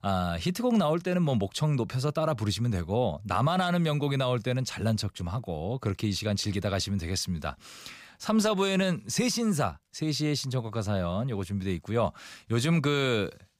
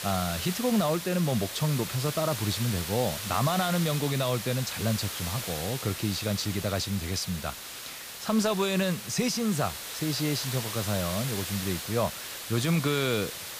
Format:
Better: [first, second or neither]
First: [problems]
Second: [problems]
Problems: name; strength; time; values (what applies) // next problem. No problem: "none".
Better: first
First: none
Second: hiss; loud; throughout; 6 dB below the speech